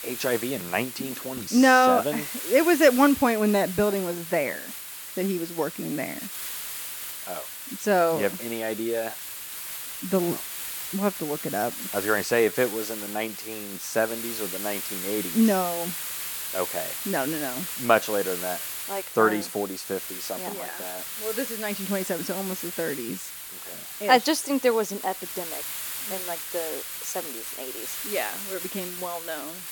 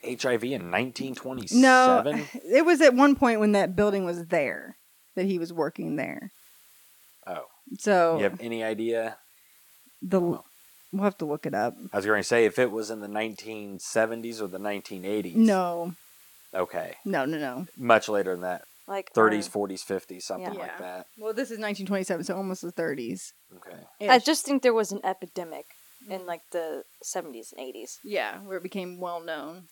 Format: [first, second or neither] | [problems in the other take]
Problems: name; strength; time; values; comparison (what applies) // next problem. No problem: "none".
second | hiss; loud; throughout; 6 dB below the speech; faint in the second